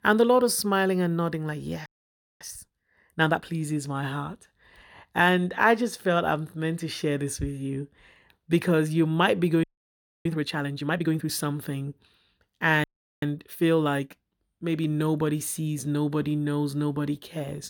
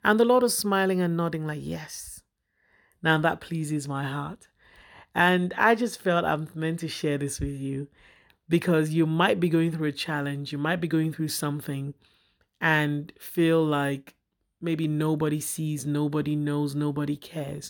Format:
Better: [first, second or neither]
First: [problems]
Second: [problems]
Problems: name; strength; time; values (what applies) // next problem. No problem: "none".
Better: second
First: audio freezing; at 2 s for 0.5 s, at 9.5 s for 0.5 s and at 13 s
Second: none